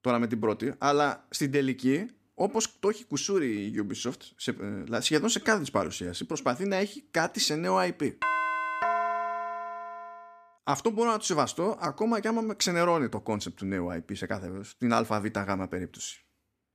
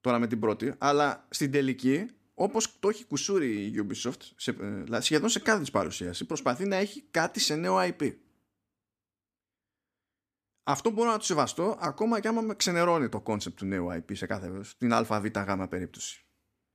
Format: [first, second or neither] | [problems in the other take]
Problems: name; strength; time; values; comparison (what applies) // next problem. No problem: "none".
second | doorbell; loud; from 8 to 10 s; peak 1 dB above the speech